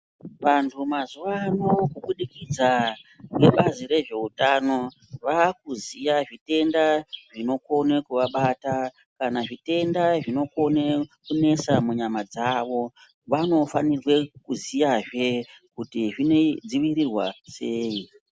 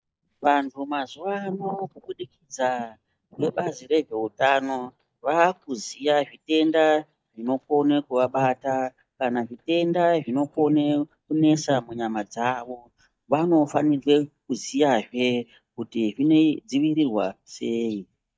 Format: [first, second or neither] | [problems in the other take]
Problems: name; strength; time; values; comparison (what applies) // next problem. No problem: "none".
first | noise reduction (neural mask model DeepFilterNet 3)